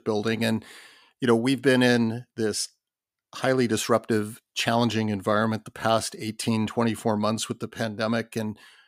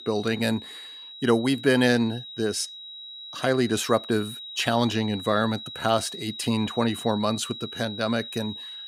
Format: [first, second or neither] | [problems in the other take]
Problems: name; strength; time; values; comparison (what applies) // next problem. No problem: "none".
first | high-pitched whine; noticeable; throughout; 4 kHz, 10 dB below the speech